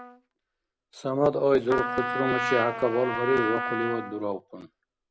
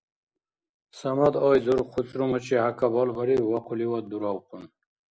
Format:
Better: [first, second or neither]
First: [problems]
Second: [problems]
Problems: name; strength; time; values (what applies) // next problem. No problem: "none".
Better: second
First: background sound (Trumpet); 5 dB below the speech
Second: none